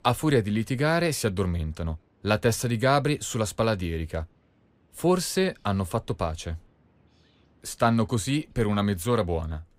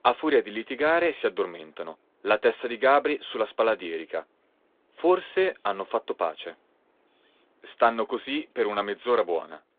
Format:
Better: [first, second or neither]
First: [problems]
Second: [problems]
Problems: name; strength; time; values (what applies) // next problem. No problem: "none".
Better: first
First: none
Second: phone-call audio; nothing above 3.5 kHz